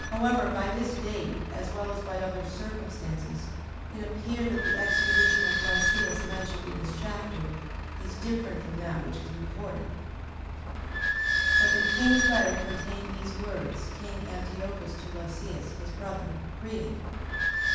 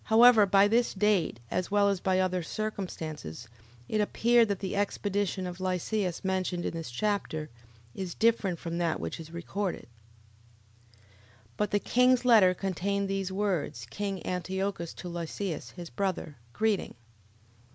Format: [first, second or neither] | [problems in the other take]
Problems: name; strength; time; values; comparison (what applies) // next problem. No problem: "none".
second | background sound (Squeak / Idling); 3 dB above the speech // room echo; dies away in 1.2 s